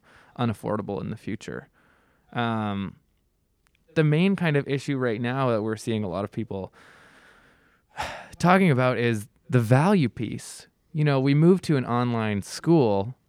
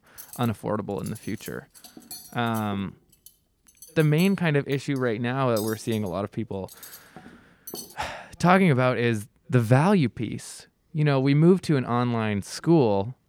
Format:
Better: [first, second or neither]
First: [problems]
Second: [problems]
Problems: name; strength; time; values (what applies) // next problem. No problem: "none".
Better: first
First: none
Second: clattering dishes; faint; until 8 s; peak 15 dB below the speech